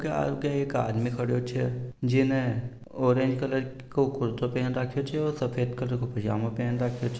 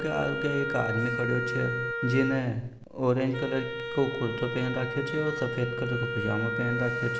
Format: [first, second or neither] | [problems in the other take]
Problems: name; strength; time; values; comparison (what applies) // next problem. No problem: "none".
first | background sound (Wind instrument, woodwind instrument); 4 dB below the speech